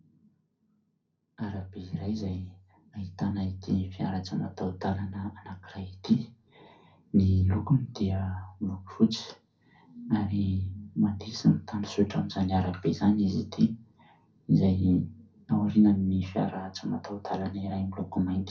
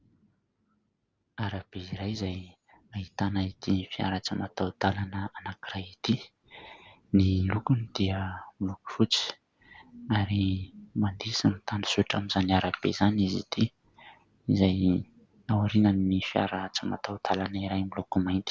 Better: second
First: room echo; dies away in 0.3 s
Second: none

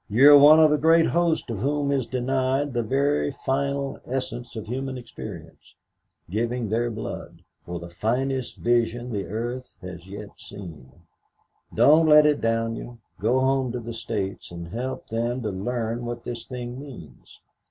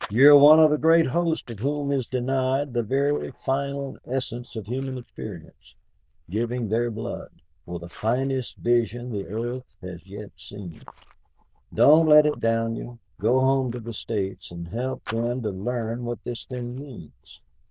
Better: first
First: none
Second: noise reduction (neural diffusion model UNIVERSE++)

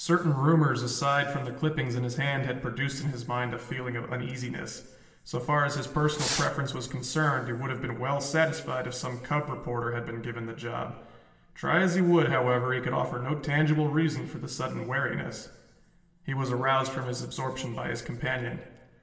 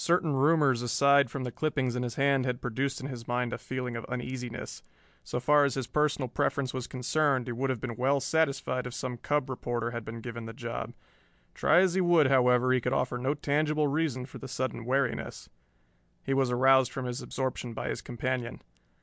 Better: second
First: background sound (Fireworks); 8 dB below the speech // room echo; dies away in 1.2 s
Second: none

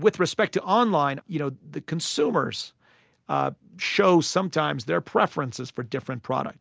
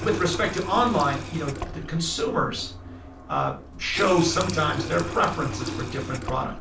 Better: first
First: none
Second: background sound (Water tap, faucet); 8 dB below the speech // room echo; dies away in 0.3 s

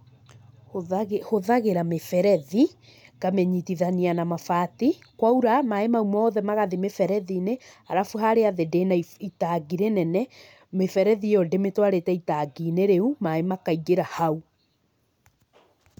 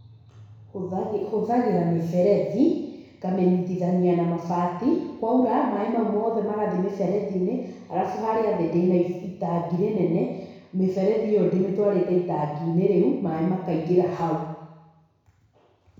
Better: first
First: none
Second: room echo; dies away in 1.1 s

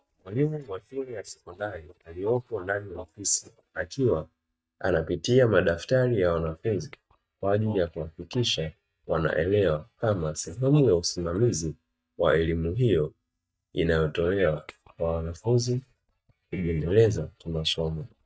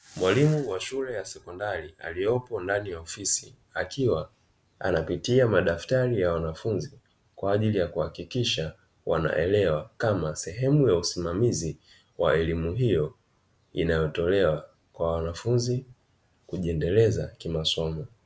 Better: second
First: noise reduction (neural mask model DeepFilterNet 3)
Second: none

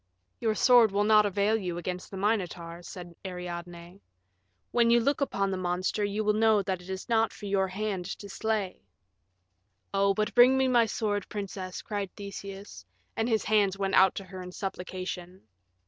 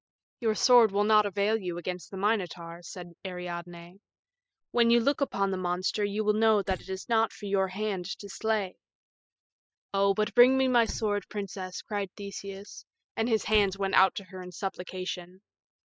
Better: first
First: none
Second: noise reduction (classical method spectral subtraction)

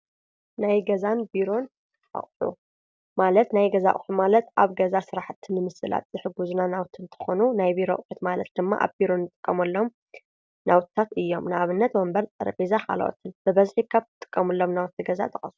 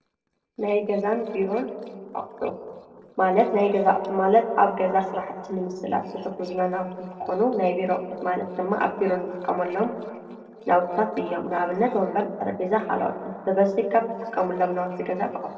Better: first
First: none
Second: noise reduction (neural separator model SepFormer DNS4)

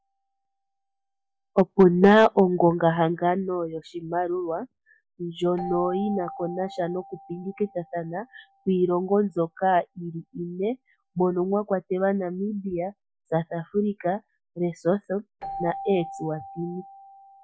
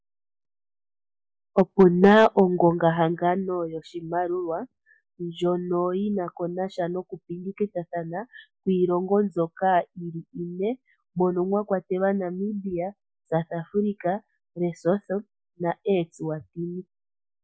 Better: second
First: background sound (Keyboard (musical)); 18 dB below the speech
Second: none

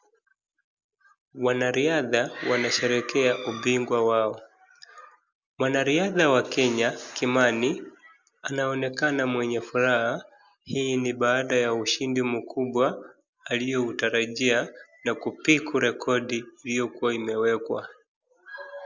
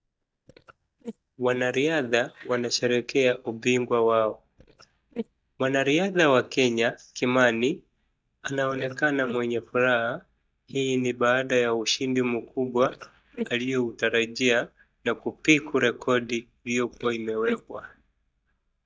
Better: first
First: none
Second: noise reduction (neural mask model DeepFilterNet 3)

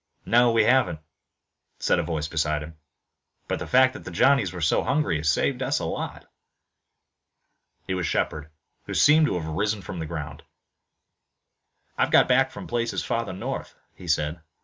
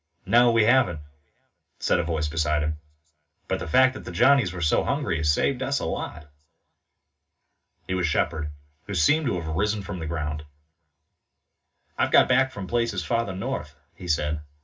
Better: first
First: none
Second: room echo; dies away in 0.4 s

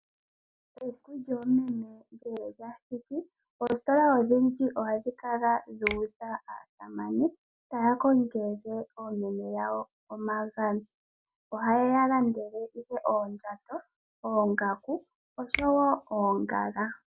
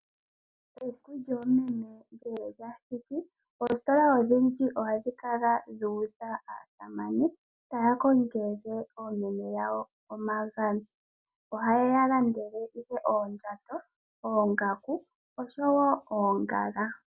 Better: second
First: background sound (Finger snapping); 11 dB below the speech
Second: none

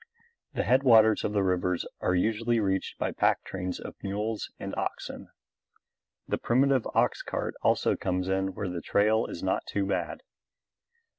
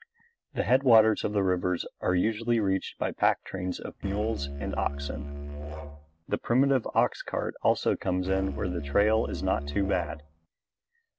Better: first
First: none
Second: background sound (Musical instrument); 7 dB below the speech

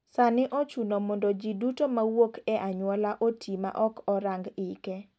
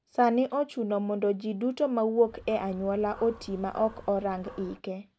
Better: first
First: none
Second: background sound (Dog); 20 dB below the speech

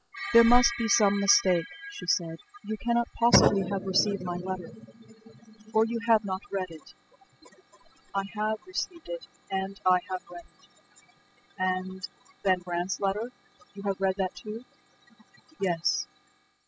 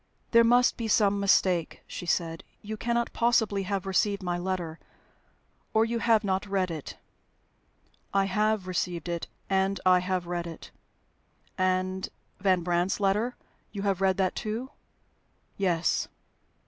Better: second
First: noise reduction (classical method spectral subtraction)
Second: none

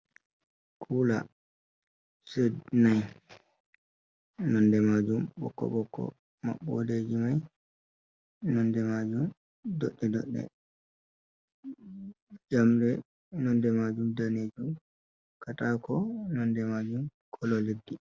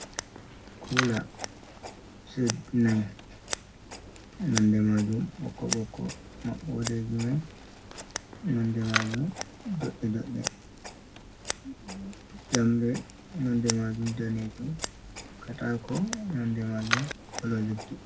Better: first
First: none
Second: background sound (Scissors); 8 dB below the speech // room echo; dies away in 0.4 s

